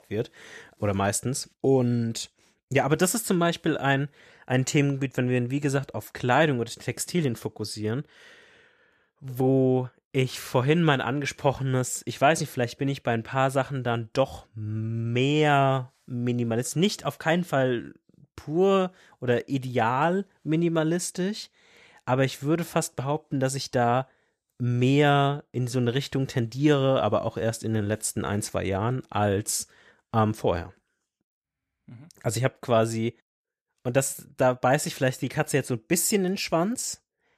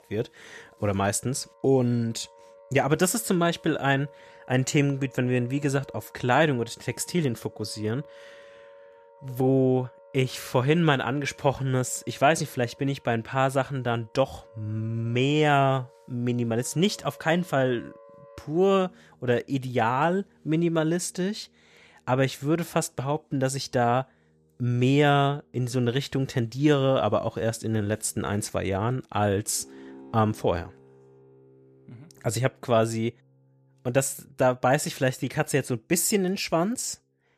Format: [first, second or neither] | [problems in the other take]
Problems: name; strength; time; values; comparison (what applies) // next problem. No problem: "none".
first | background music; faint; throughout; 25 dB below the speech